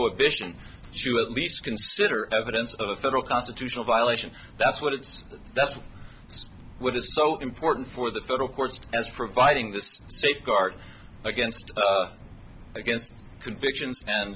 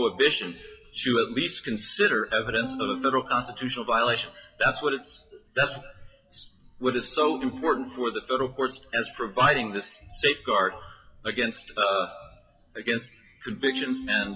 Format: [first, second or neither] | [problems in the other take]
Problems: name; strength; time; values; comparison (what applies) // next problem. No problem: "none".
first | noise reduction (classical method WPE with log-MMSE)